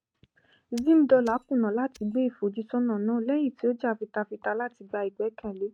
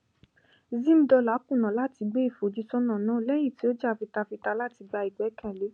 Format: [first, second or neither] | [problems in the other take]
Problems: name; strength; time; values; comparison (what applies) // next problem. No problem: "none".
second | noise reduction (neural mask model RNNoise)